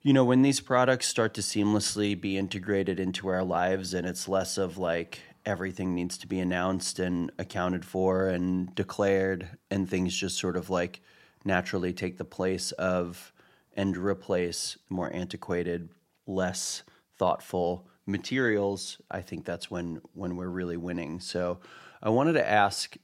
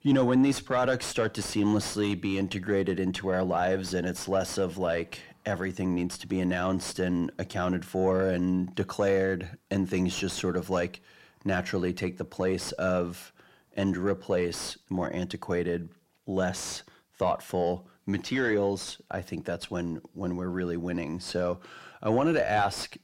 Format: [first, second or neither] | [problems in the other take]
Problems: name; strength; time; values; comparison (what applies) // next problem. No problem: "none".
first | distortion; slight; 10 dB below the speech